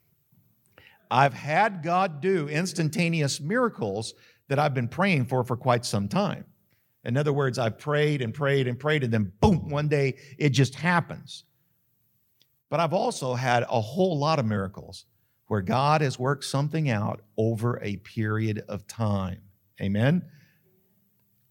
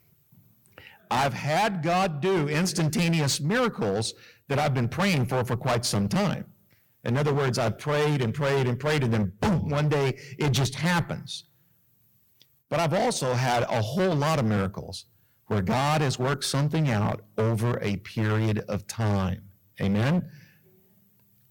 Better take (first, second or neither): first